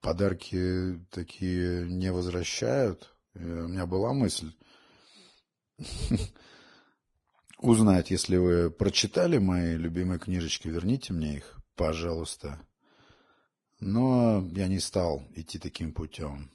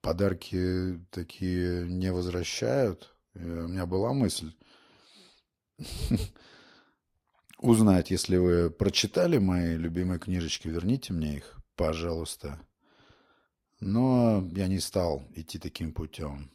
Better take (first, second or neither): second